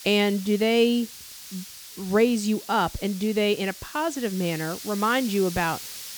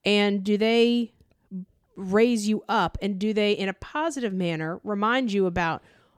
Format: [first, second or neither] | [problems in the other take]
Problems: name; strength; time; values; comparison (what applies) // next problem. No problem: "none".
second | hiss; noticeable; throughout; 15 dB below the speech